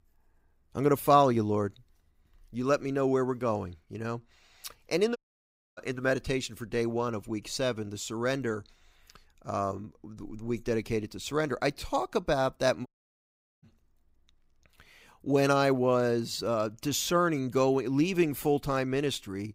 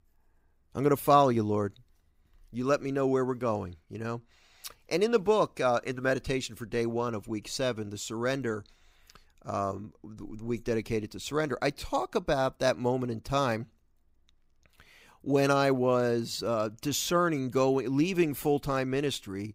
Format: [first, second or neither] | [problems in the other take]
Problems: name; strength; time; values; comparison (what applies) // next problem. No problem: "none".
second | audio cutting out; at 5 s for 0.5 s and at 13 s for 1 s